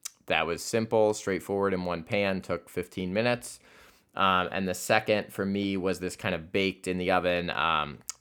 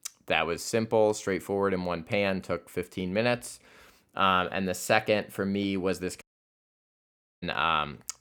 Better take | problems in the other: first | audio cutting out; at 6 s for 1 s

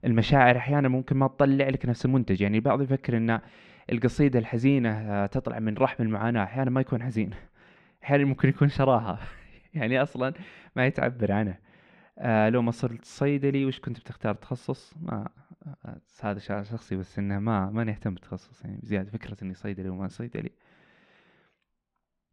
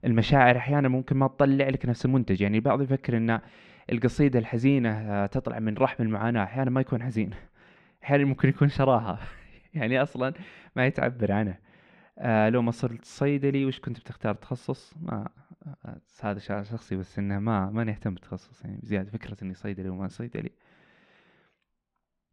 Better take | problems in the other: neither | muffled; slightly; fading above 3 kHz; the same in both

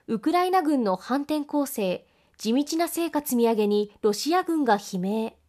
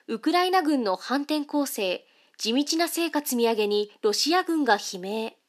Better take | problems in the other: first | thin; very slightly; fading below 250 Hz

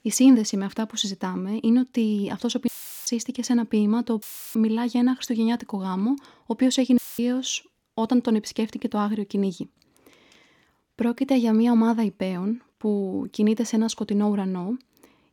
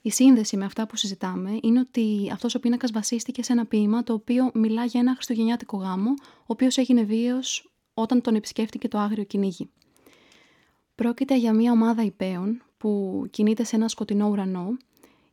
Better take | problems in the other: second | audio cutting out; filled with static; at 2.5 s, at 4 s and at 7 s

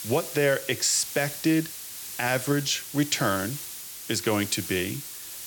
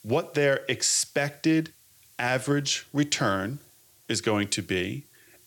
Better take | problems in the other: second | hiss; loud; throughout; 9 dB below the speech; faint in the second

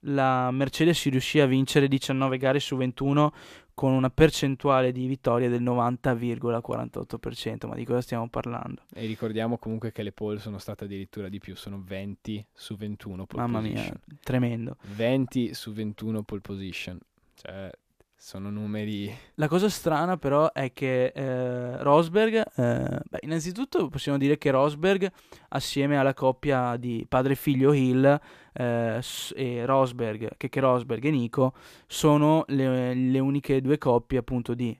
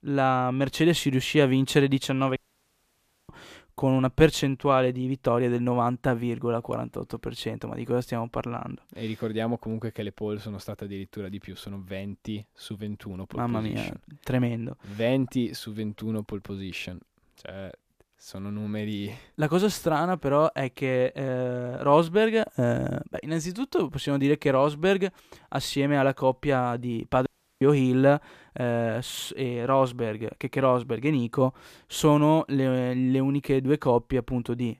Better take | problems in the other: first | audio cutting out; at 2.5 s for 1 s and at 27 s

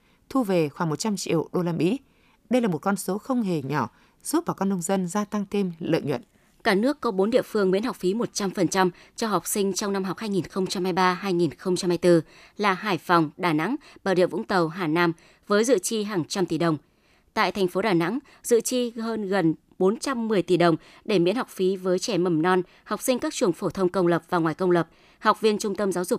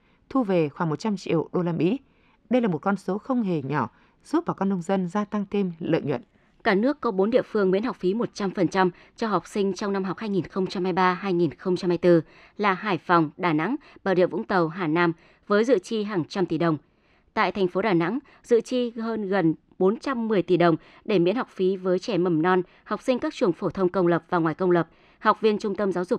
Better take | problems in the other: first | muffled; slightly; fading above 3 kHz

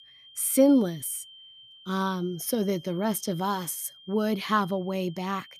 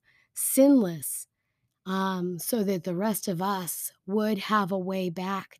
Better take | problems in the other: second | high-pitched whine; faint; throughout; 3 kHz, 20 dB below the speech

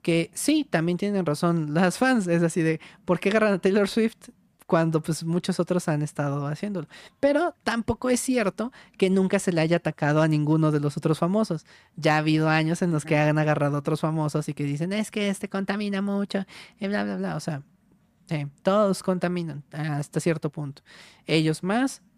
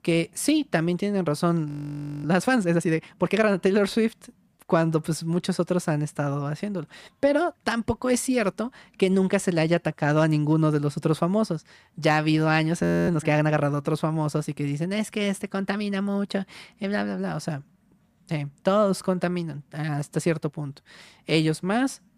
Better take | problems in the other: first | audio freezing; at 1.5 s for 0.5 s and at 13 s

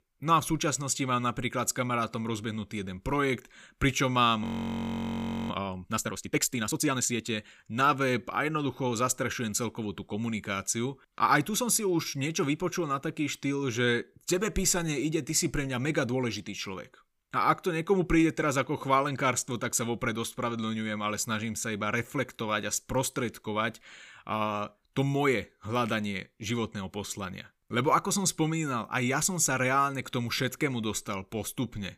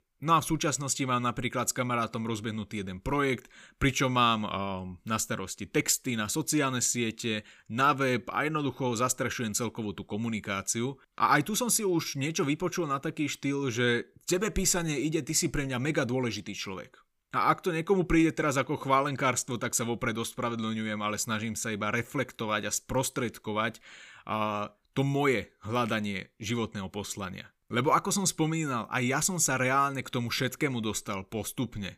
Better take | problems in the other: second | audio freezing; at 4.5 s for 1 s

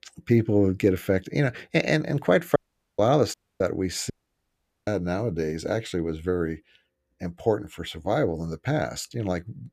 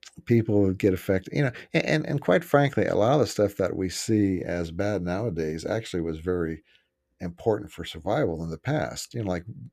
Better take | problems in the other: second | audio cutting out; at 2.5 s, at 3.5 s and at 4 s for 1 s

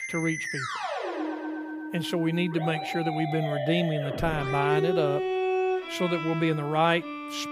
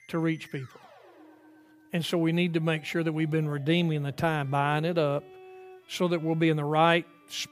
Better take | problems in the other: second | background music; loud; throughout; 3 dB below the speech; faint in the second

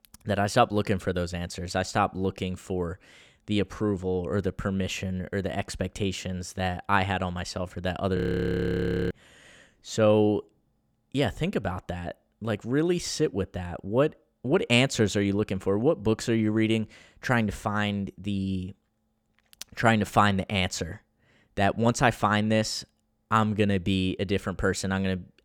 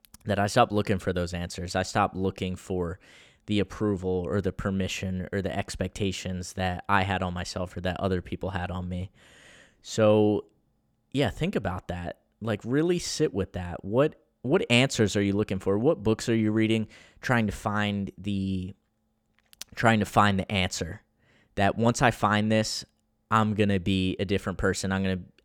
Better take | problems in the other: second | audio freezing; at 8 s for 1 s

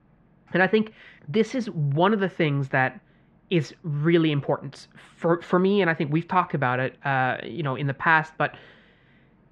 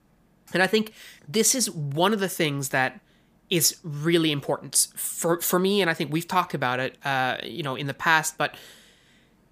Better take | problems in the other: second | muffled; very; fading above 2.5 kHz

